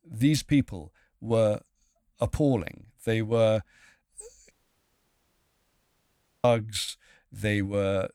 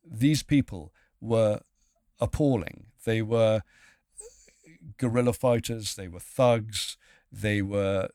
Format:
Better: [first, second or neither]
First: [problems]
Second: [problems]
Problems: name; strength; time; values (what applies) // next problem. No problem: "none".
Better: second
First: audio cutting out; at 4.5 s for 2 s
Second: none